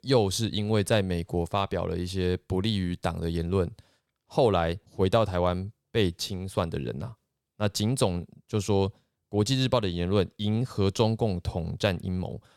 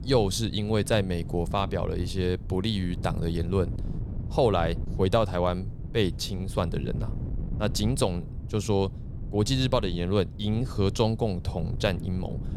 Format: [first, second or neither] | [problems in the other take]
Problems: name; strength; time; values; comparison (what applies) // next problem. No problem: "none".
first | wind noise on the microphone; occasional gusts; 20 dB below the speech